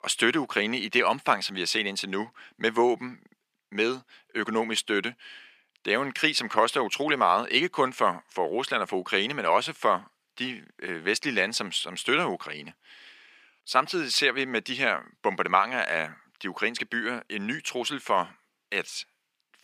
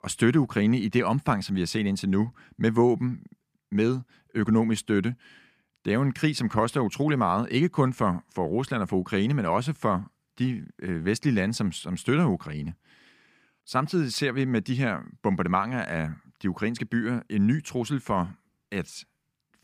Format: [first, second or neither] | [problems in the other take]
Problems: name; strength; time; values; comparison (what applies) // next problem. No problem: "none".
second | thin; very; fading below 500 Hz